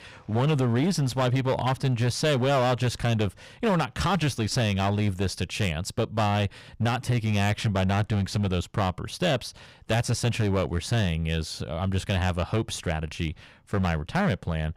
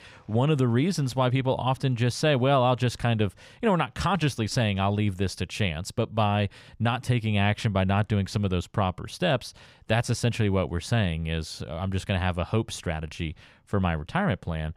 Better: second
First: distortion; slight; 11% of the sound clipped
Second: none

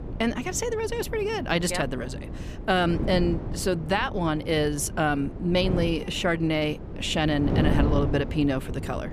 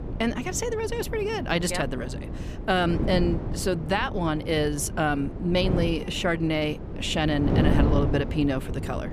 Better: first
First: wind noise on the microphone; occasional gusts; 10 dB below the speech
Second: wind noise on the microphone; heavy; 9 dB below the speech

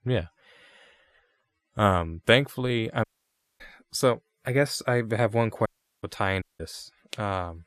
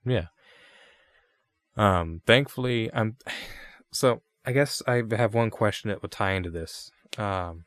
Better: second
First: audio cutting out; at 3 s for 0.5 s, at 5.5 s and at 6.5 s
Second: none

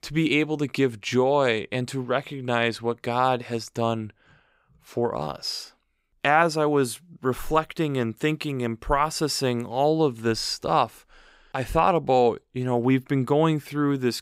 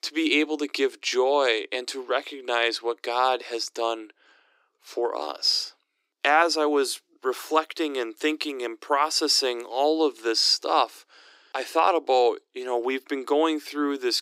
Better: first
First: none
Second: thin; somewhat; fading below 300 Hz

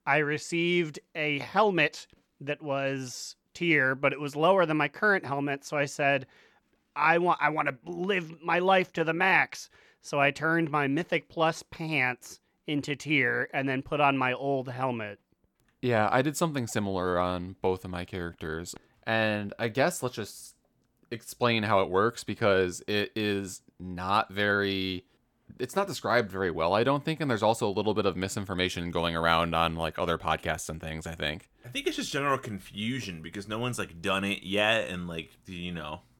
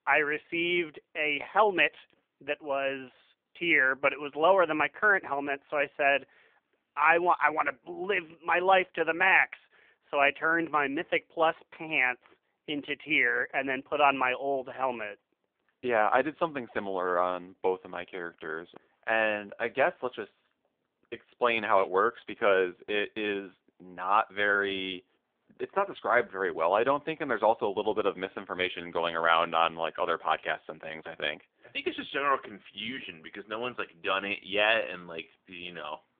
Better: first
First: none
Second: phone-call audio; nothing above 3.5 kHz

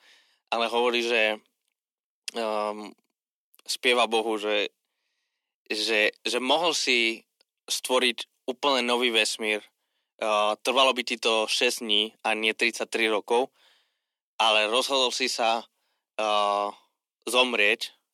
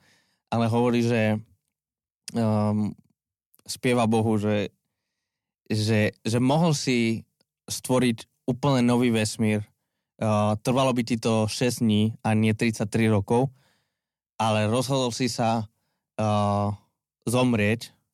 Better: second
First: thin; very; fading below 300 Hz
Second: none

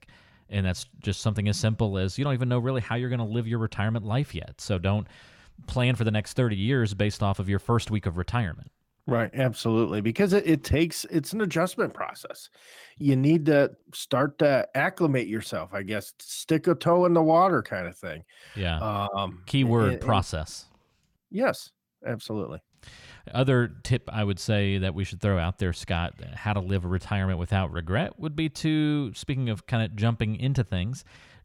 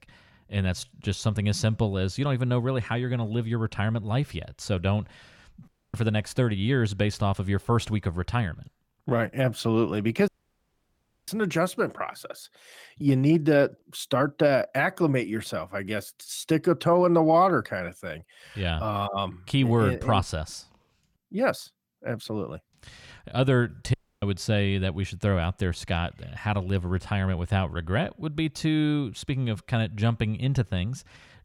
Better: first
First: none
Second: audio cutting out; at 5.5 s, at 10 s for 1 s and at 24 s

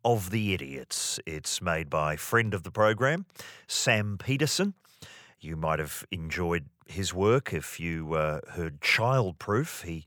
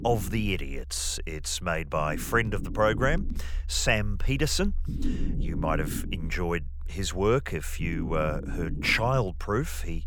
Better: first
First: none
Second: low rumble; noticeable; throughout; 15 dB below the speech

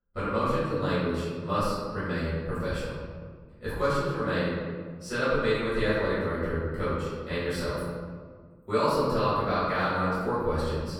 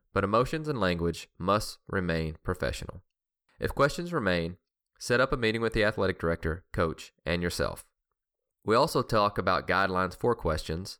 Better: second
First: off-mic speech; far // room echo; strong; dies away in 1.6 s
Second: none

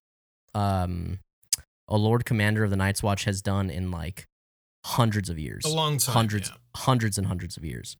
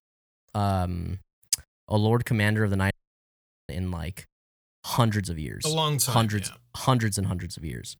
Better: first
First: none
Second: audio cutting out; at 3 s for 1 s

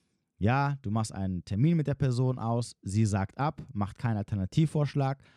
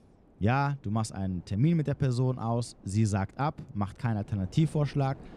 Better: first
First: none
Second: wind noise on the microphone; occasional gusts; 25 dB below the speech

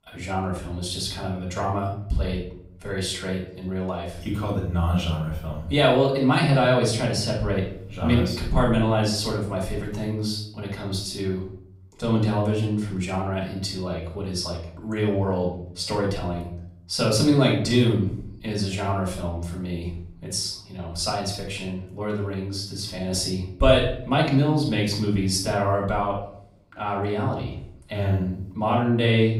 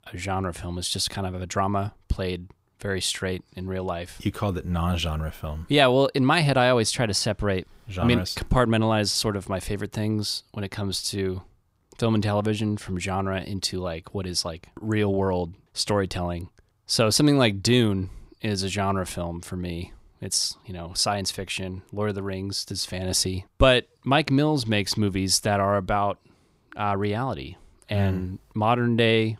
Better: second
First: off-mic speech; far // room echo; noticeable; dies away in 0.6 s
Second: none

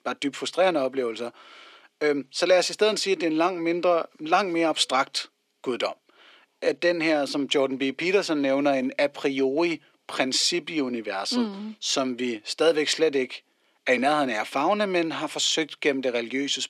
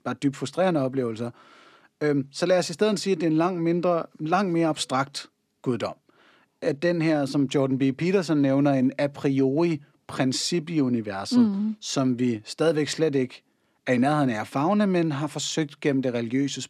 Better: second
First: thin; somewhat; fading below 450 Hz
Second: none

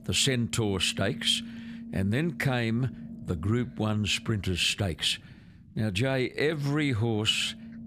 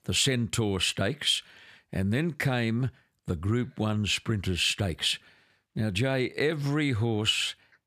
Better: second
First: low rumble; faint; throughout; 20 dB below the speech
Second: none

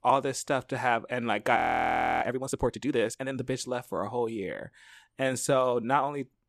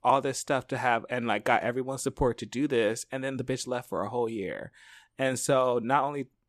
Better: second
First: audio freezing; at 1.5 s for 0.5 s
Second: none

